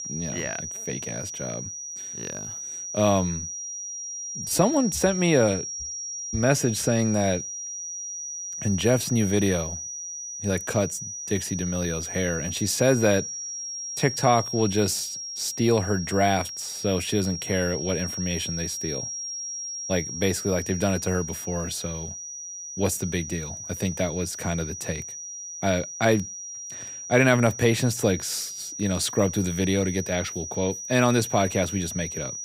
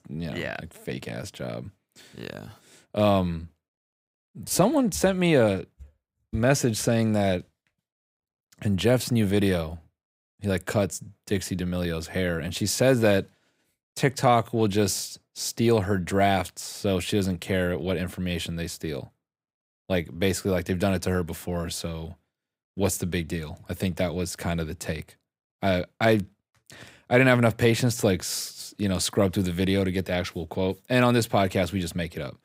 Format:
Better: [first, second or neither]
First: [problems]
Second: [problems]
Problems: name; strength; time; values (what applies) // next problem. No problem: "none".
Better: second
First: high-pitched whine; loud; throughout; 6 kHz, 7 dB below the speech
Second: none